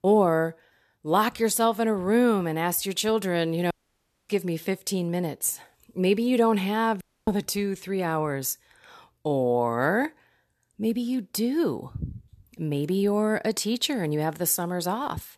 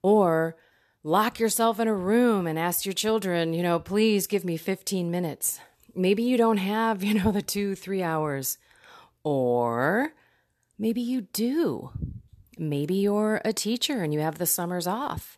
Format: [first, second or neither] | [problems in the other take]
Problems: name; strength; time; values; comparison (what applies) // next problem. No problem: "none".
second | audio cutting out; at 3.5 s for 0.5 s and at 7 s